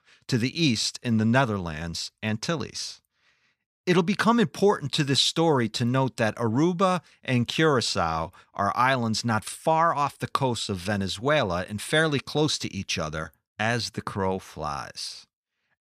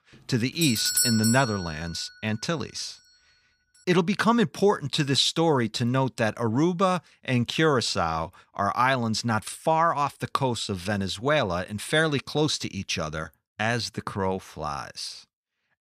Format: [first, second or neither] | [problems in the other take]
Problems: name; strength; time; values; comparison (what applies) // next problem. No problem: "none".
first | doorbell; loud; at 0.5 s; peak 3 dB above the speech